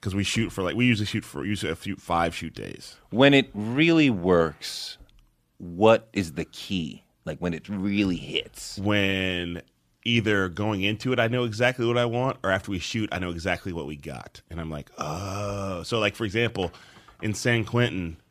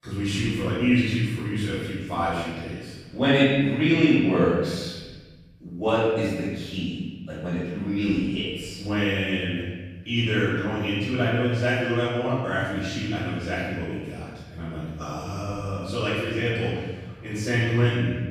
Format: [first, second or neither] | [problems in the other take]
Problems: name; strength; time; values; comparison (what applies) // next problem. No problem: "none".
first | off-mic speech; far // room echo; strong; dies away in 1.5 s